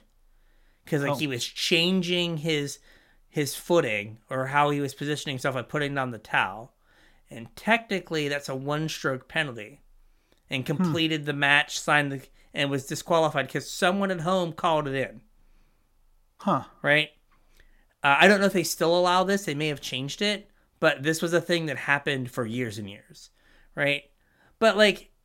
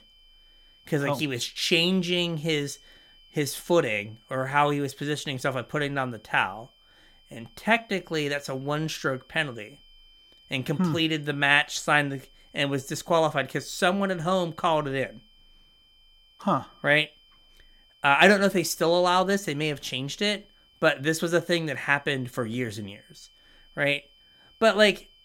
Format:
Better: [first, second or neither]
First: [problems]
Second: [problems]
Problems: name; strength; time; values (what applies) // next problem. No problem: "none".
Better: first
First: none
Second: high-pitched whine; faint; throughout; 3 kHz, 30 dB below the speech